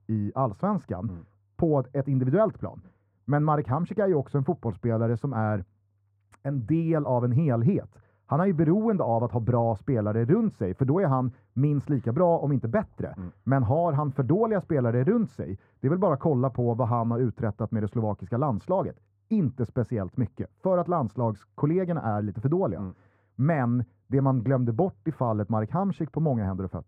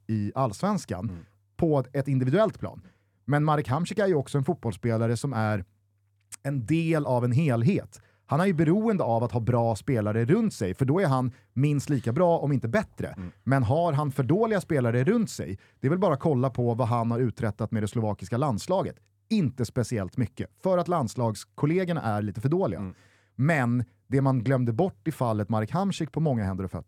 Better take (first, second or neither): second